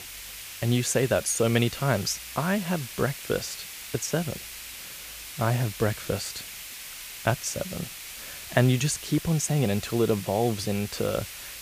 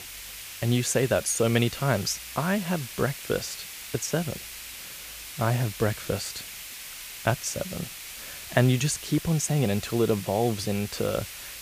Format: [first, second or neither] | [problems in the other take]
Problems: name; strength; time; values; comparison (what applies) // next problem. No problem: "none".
neither | hiss; noticeable; throughout; 10 dB below the speech; the same in both